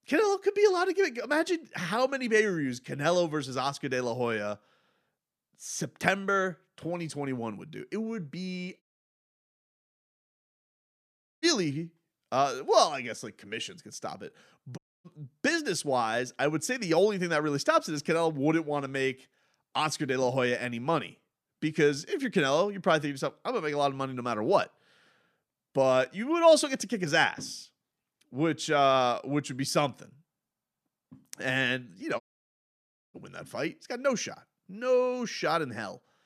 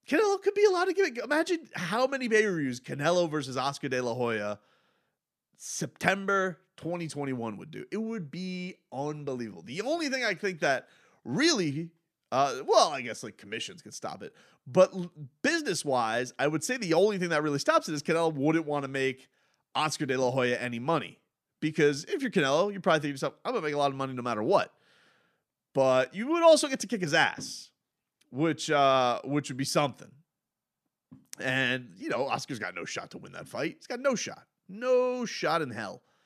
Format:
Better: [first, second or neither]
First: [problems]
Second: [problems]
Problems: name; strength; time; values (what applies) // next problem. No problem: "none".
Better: second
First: audio cutting out; at 9 s for 2.5 s, at 15 s and at 32 s for 1 s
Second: none